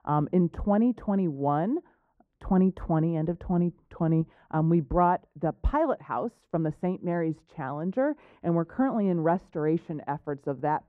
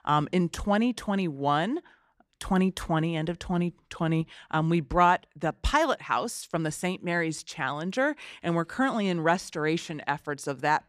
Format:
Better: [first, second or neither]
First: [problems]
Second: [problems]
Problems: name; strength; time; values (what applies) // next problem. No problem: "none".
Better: second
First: muffled; very; fading above 2 kHz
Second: none